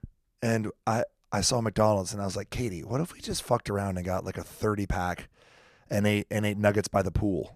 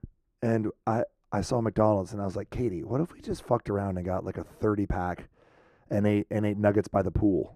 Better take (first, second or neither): first